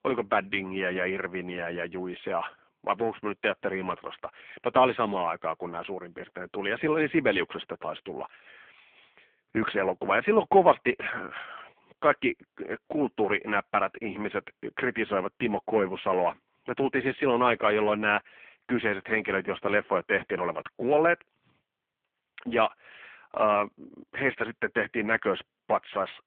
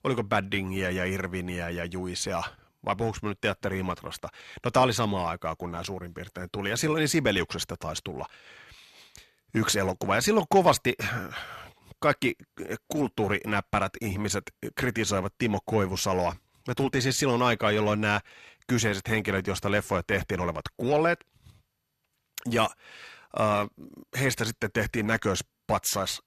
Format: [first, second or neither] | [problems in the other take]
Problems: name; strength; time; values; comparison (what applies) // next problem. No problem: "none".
second | phone-call audio; poor line